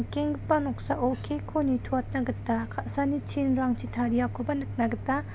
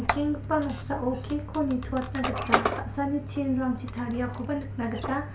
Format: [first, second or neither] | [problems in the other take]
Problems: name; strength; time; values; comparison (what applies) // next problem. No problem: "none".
first | background sound (Squeak); 5 dB below the speech // room echo; dies away in 0.4 s